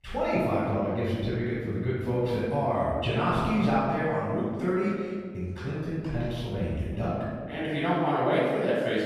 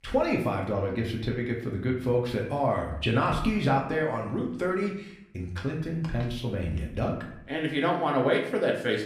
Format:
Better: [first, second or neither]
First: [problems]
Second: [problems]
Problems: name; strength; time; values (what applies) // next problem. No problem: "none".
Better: second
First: room echo; strong; dies away in 1.7 s // off-mic speech; far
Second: room echo; slight; dies away in 0.6 s // off-mic speech; far